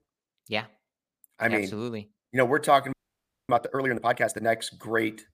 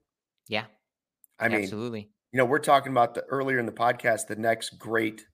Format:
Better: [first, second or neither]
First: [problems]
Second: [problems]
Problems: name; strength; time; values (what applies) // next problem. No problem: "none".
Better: second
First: audio freezing; at 3 s for 0.5 s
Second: none